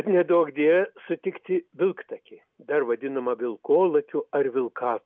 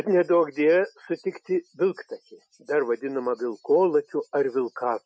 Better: first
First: none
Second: noise reduction (classical method Wiener filter)

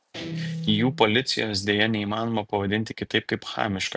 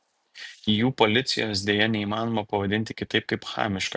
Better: second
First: background sound (Guitar); 11 dB below the speech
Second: none

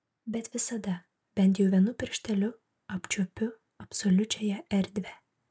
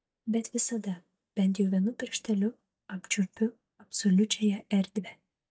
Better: first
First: none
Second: noise reduction (neural mask model DeepFilterNet 3)

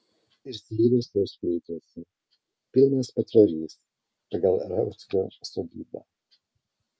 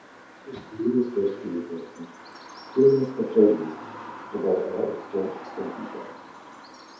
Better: first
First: none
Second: background sound (Bird vocalization, bird call, bird song); 16 dB below the speech // room echo; dies away in 0.6 s

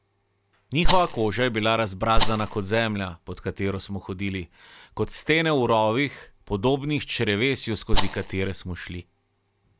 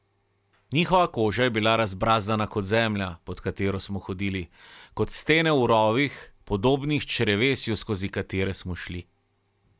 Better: second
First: background sound (Rattle); 4 dB above the speech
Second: none

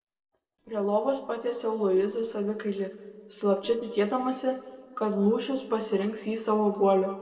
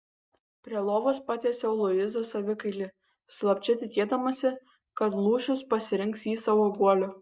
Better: second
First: noise reduction (neural separator model SepFormer DNS4)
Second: none

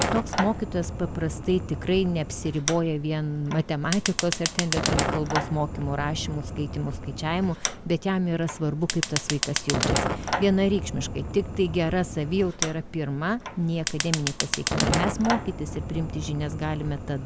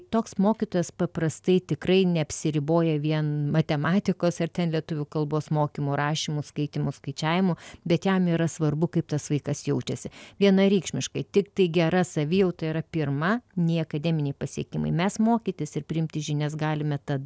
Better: second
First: background sound (Fire); 3 dB below the speech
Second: none

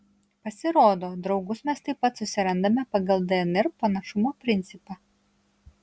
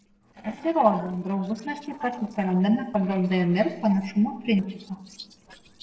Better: first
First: none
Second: noise reduction (neural separator model SepFormer DNS4)

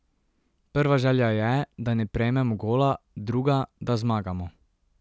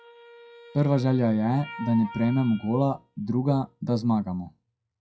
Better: first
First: none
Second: noise reduction (classical method WPE with log-MMSE)

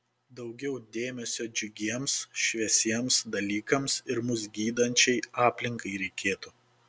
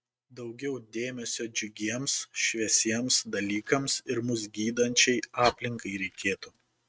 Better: first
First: none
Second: noise reduction (neural mask model RNNoise)

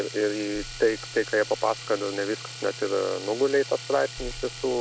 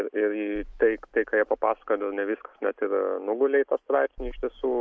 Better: second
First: background sound (Domestic sounds, home sounds); 12 dB below the speech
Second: none

